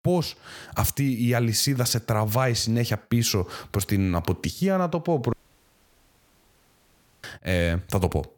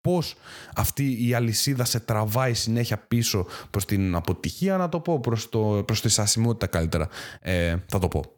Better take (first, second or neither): second